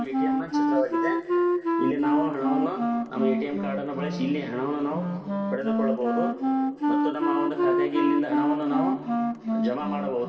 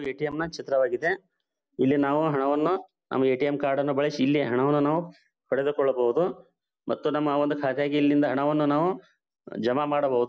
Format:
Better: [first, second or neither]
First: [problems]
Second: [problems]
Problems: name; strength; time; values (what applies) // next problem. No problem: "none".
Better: second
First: background sound (Wind instrument, woodwind instrument); 3 dB above the speech // room echo; dies away in 2.7 s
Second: none